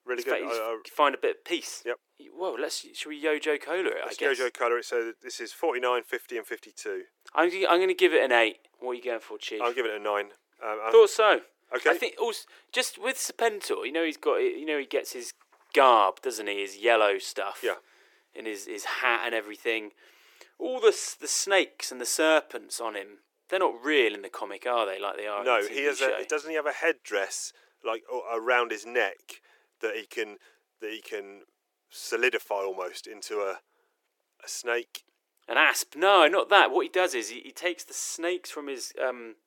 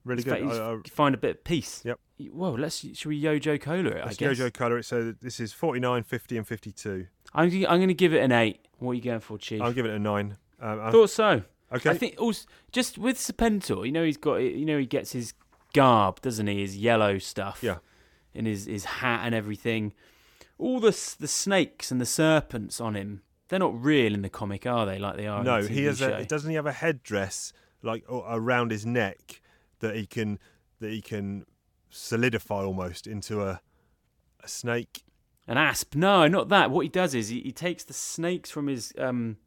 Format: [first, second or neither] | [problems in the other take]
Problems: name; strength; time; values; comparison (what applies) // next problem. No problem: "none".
second | thin; very; fading below 350 Hz